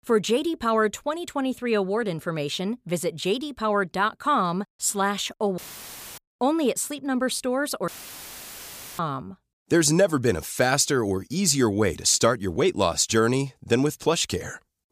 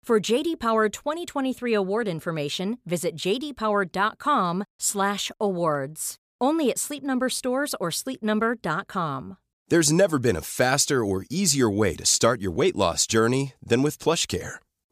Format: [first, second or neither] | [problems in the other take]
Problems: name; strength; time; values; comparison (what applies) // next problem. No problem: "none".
second | audio cutting out; filled with static; at 5.5 s for 0.5 s and at 8 s for 1 s